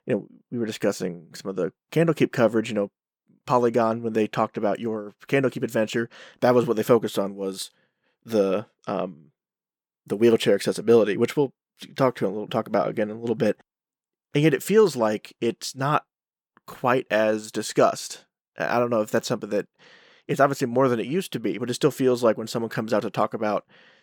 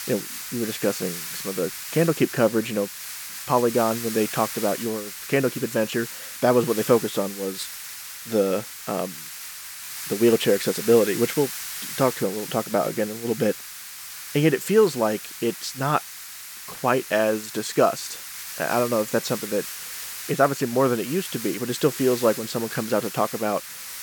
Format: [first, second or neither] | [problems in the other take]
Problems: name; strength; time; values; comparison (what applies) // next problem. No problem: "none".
first | hiss; loud; throughout; 9 dB below the speech